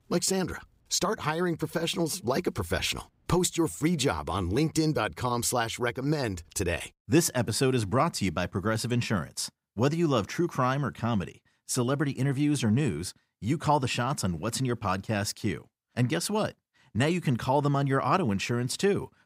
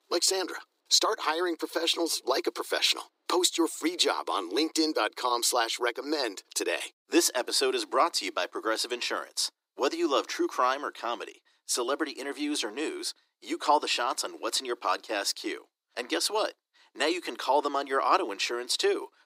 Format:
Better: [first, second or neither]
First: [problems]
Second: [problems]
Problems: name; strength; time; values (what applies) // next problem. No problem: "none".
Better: first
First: none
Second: thin; very; fading below 300 Hz